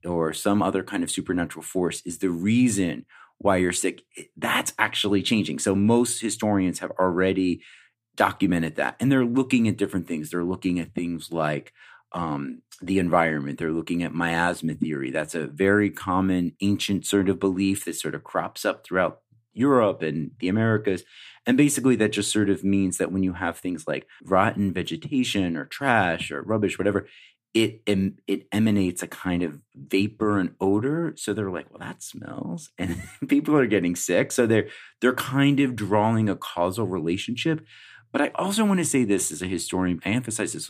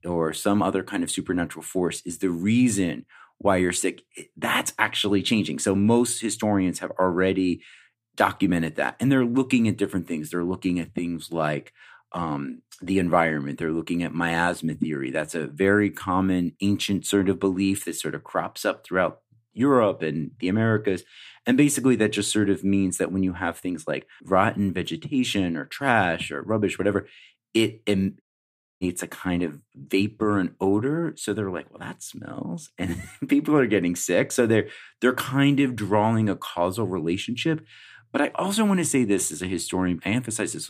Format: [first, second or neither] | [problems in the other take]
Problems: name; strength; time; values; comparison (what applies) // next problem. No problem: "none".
first | audio cutting out; at 28 s for 0.5 s